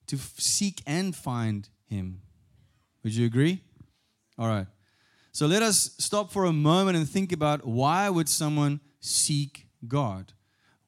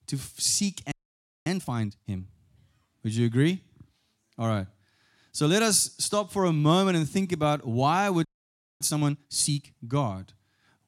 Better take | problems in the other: first | audio freezing; at 1 s for 0.5 s and at 8.5 s for 0.5 s

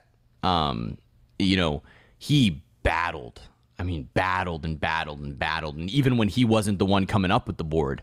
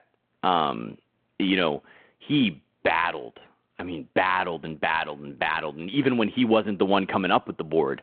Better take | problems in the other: first | phone-call audio

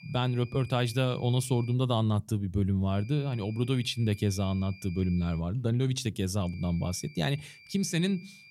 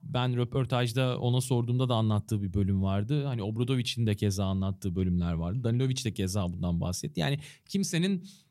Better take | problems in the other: second | high-pitched whine; faint; until 1.5 s, from 3 to 5.5 s and from 6.5 s on; 2.5 kHz, 20 dB below the speech

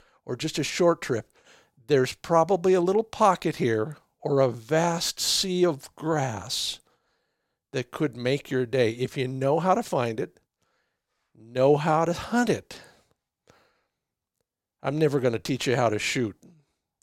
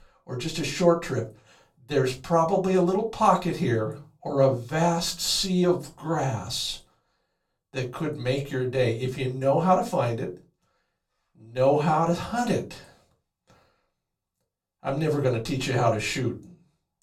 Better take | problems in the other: first | off-mic speech; far // room echo; very slight; dies away in 0.2 s

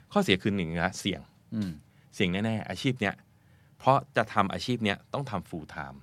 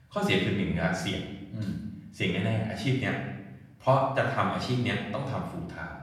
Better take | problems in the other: first | off-mic speech; far // room echo; noticeable; dies away in 0.8 s

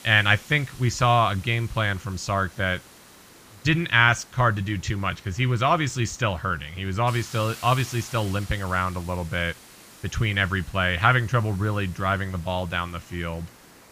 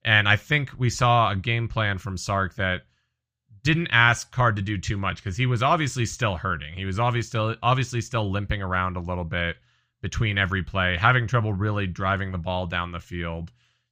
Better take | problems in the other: second | hiss; faint; throughout; 20 dB below the speech

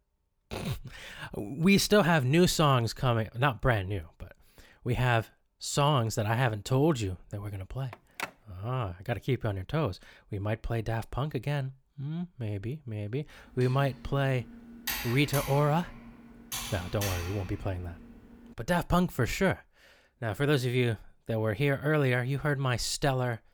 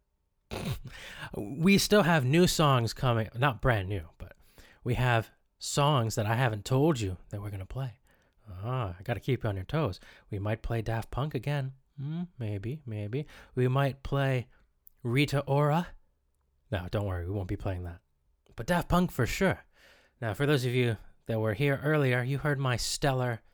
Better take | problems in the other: second | phone ringing; noticeable; at 8 s; peak 9 dB below the speech // keyboard typing; noticeable; from 14 to 19 s; peak 4 dB below the speech

